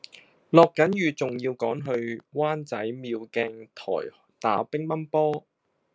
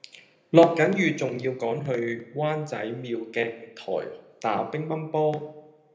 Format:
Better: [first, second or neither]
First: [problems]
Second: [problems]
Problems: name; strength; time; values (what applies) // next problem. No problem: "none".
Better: first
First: none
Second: room echo; dies away in 0.7 s